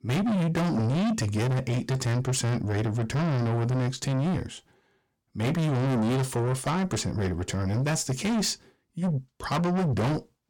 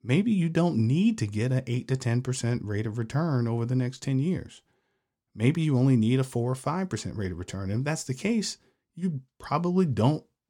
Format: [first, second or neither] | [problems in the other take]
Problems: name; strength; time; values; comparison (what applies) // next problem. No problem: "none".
second | distortion; heavy; 5 dB below the speech